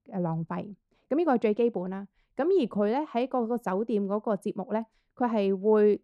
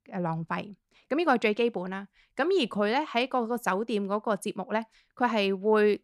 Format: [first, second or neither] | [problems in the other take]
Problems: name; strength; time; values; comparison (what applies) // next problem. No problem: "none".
second | muffled; slightly; fading above 1 kHz